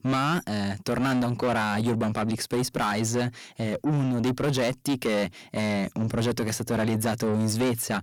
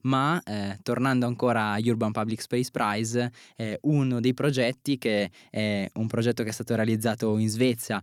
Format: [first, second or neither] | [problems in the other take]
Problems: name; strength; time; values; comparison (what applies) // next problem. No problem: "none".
second | distortion; heavy; 8 dB below the speech